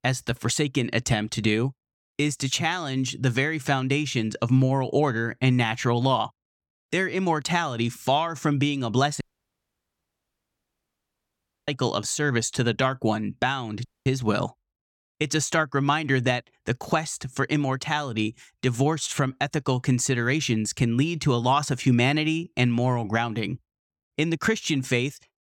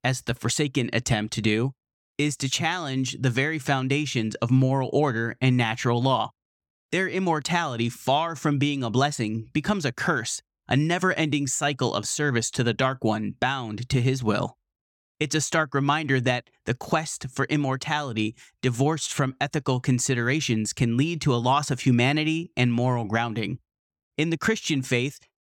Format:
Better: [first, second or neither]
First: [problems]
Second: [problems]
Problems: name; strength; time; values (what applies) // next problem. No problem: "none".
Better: second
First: audio cutting out; at 9 s for 2.5 s and at 14 s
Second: none